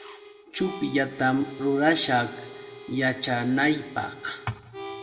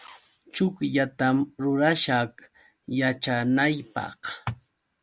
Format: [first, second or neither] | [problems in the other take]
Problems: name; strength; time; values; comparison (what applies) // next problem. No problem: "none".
second | background sound (Harmonica); 15 dB below the speech // room echo; dies away in 1 s